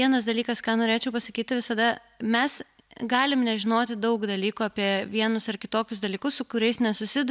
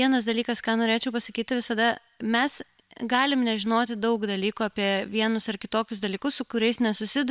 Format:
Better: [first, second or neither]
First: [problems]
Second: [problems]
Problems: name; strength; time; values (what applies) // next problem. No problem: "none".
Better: first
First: none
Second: noise reduction (neural separator model SepFormer WHAM!)